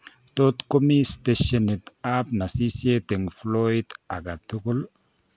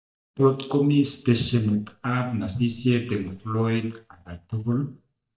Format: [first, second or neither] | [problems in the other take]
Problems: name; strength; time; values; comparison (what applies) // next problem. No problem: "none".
first | noise reduction (neural mask model DeepFilterNet 3)